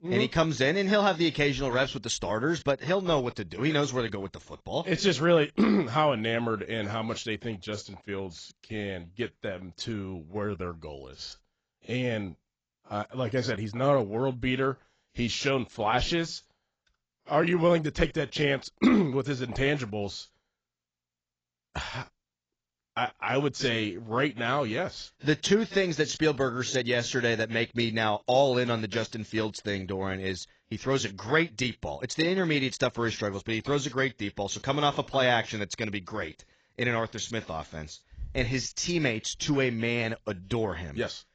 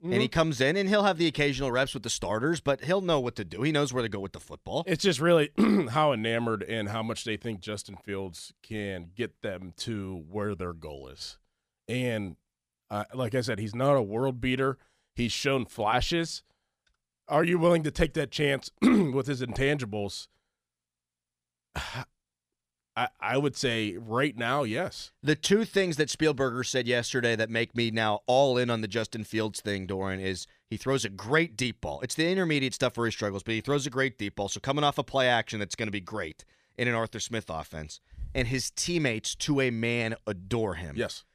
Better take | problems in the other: second | garbled, watery; badly; nothing above 7.5 kHz

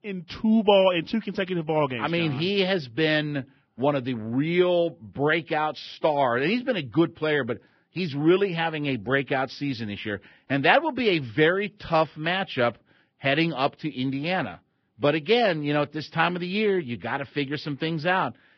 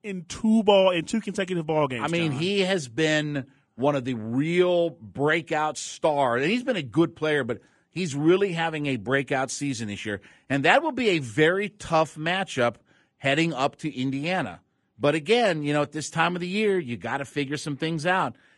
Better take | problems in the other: second | garbled, watery; badly; nothing above 5.5 kHz; slightly in the second

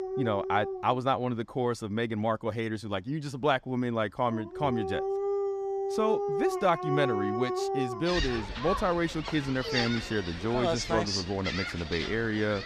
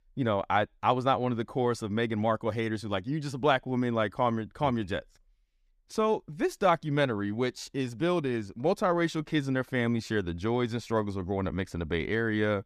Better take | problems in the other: second | animal sounds; loud; throughout; 2 dB below the speech

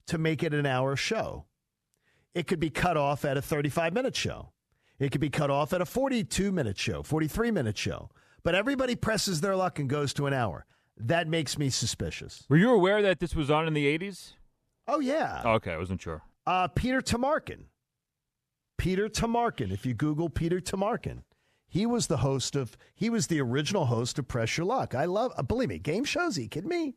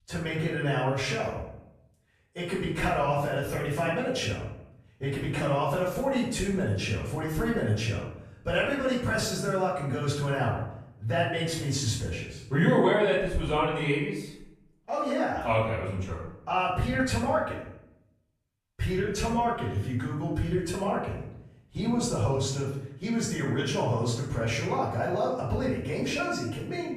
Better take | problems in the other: first | room echo; noticeable; dies away in 0.6 s // off-mic speech; far

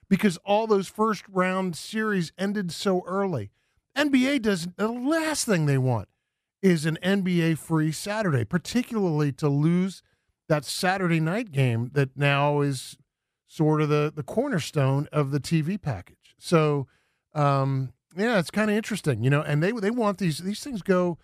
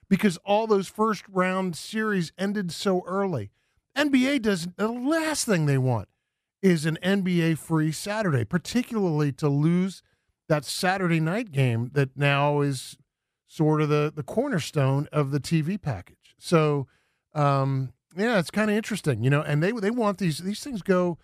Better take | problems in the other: neither | none

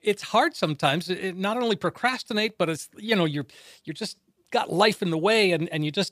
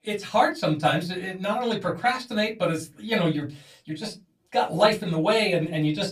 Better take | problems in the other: first | off-mic speech; far // room echo; very slight; dies away in 0.2 s

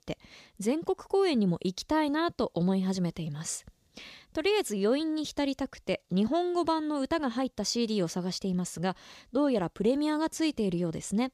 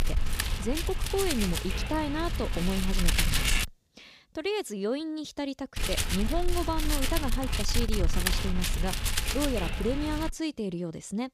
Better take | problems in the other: first | wind noise on the microphone; heavy; until 3.5 s and from 6 to 10 s; 2 dB above the speech

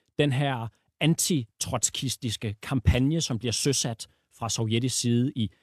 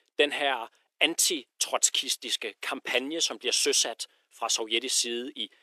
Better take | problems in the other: first | thin; very; fading below 350 Hz

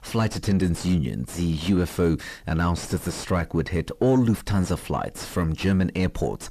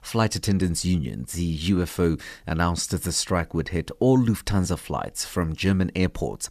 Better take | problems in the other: second | distortion; slight; 7 dB below the speech

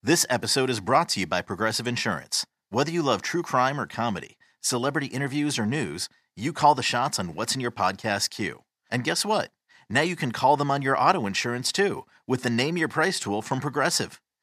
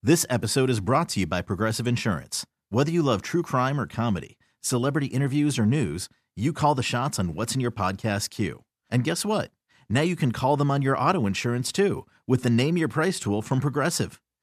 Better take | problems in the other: second | thin; somewhat; fading below 500 Hz

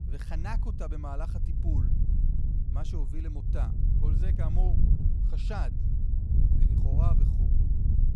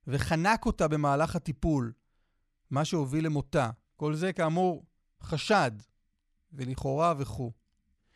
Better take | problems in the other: second | wind noise on the microphone; heavy; 2 dB below the speech

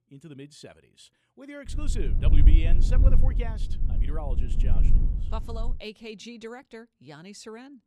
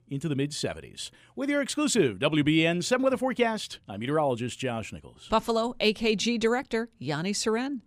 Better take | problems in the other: second | low rumble; loud; from 1.5 to 6 s; 3 dB below the speech

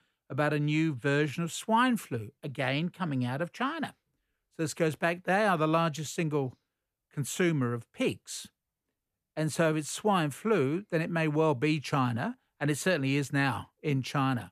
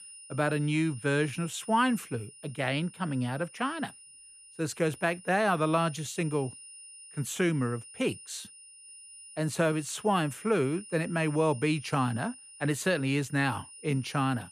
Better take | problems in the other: first | high-pitched whine; noticeable; throughout; 9.5 kHz, 15 dB below the speech

